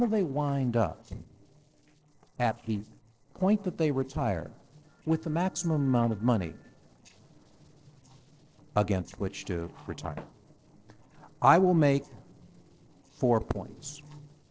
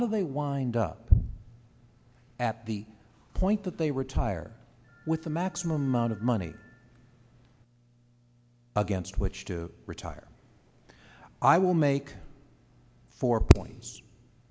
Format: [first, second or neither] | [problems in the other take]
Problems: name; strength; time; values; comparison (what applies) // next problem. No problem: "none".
second | noise reduction (neural separator model SepFormer DNS4)